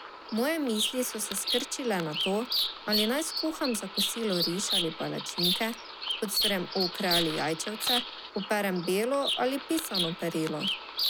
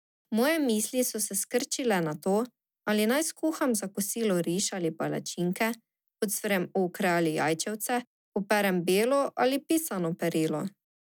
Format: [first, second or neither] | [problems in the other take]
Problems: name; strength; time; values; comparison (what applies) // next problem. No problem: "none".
second | background sound (Bird vocalization, bird call, bird song); 2 dB below the speech